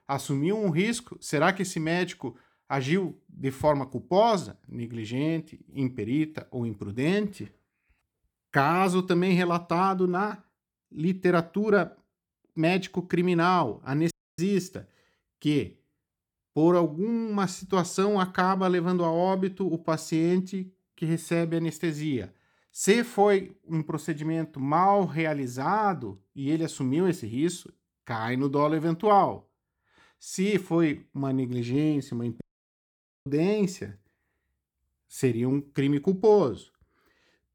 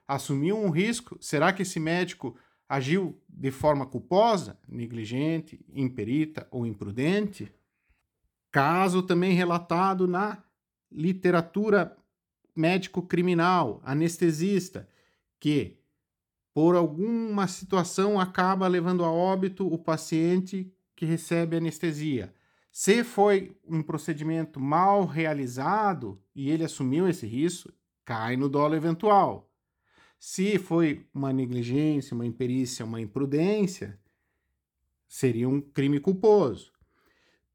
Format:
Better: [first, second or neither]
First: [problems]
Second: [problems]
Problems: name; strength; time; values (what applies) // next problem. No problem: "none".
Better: second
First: audio cutting out; at 14 s and at 32 s for 1 s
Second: none